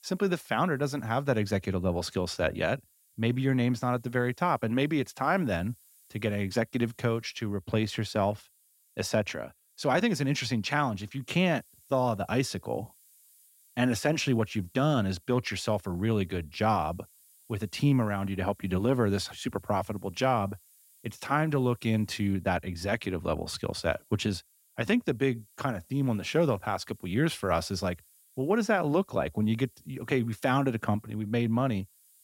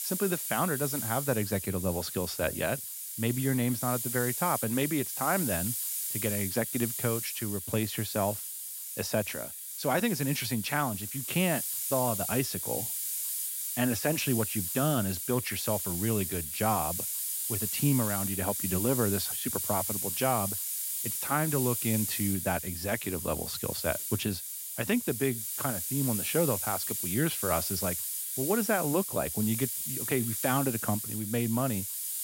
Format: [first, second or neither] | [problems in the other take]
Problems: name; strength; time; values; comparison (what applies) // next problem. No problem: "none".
first | hiss; loud; throughout; 1 dB below the speech; faint in the first